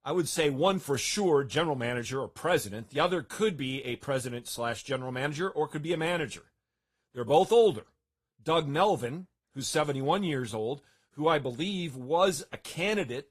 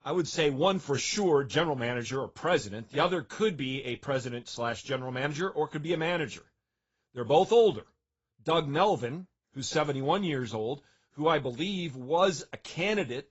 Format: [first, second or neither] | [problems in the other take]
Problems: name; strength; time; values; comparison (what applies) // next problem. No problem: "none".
first | garbled, watery; badly; nothing above 7.5 kHz; slightly in the first